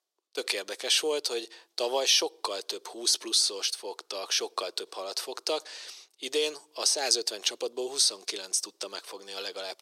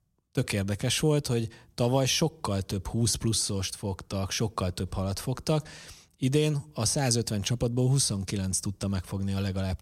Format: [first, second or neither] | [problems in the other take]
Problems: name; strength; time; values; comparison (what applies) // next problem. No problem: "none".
second | thin; very; fading below 350 Hz